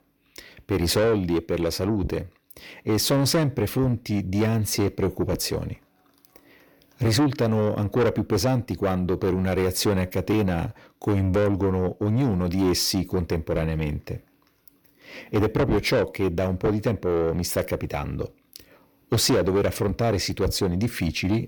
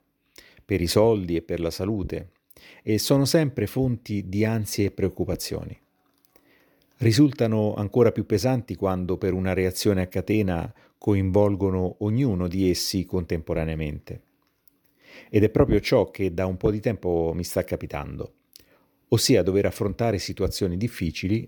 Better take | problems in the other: second | distortion; heavy; 7 dB below the speech

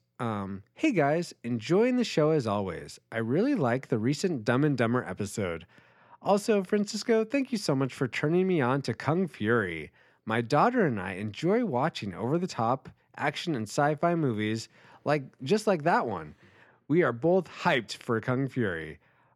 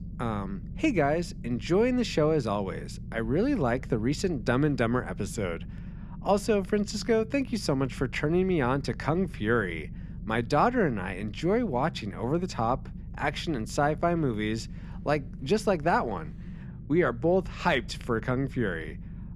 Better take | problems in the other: first | low rumble; faint; throughout; 25 dB below the speech

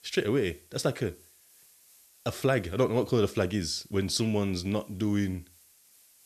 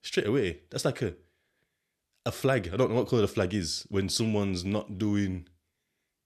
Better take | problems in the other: second | hiss; faint; throughout; 25 dB below the speech

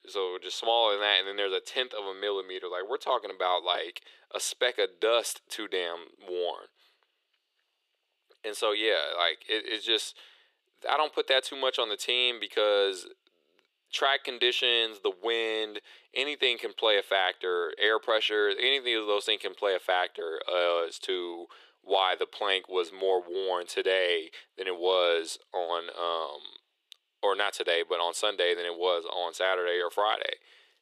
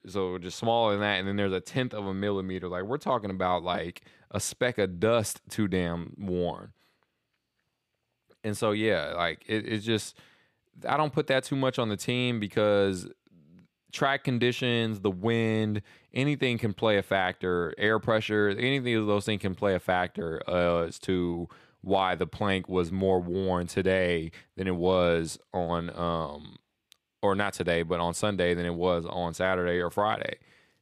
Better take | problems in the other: second | thin; very; fading below 400 Hz

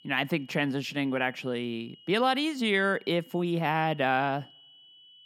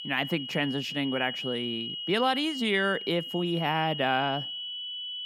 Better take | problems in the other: first | high-pitched whine; loud; throughout; 3 kHz, 6 dB below the speech; faint in the first

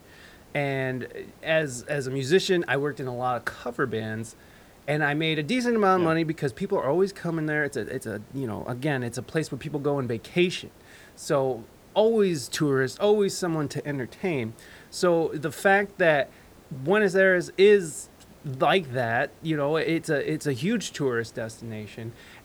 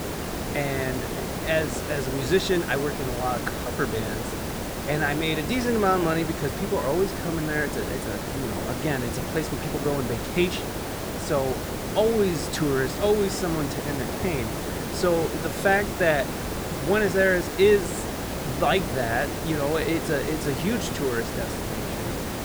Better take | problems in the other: first | hiss; loud; throughout; 4 dB below the speech; faint in the first

